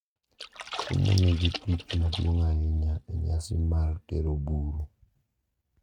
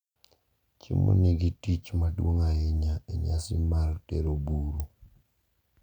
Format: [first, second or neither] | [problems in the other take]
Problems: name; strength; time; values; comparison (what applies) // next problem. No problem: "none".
second | noise reduction (neural mask model RNNoise)